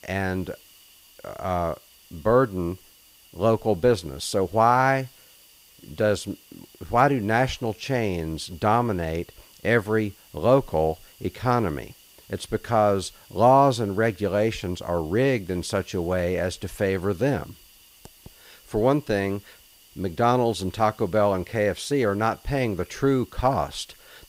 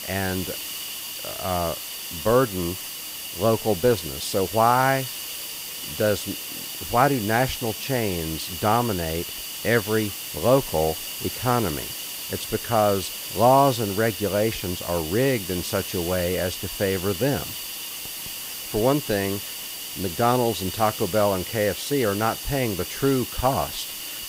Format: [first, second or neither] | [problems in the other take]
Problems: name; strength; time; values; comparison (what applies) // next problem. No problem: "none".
first | hiss; loud; throughout; 7 dB below the speech; faint in the first